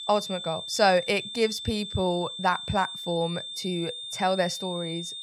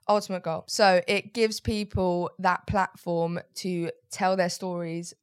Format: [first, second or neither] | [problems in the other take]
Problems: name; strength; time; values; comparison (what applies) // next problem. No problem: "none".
second | high-pitched whine; loud; throughout; 3.5 kHz, 7 dB below the speech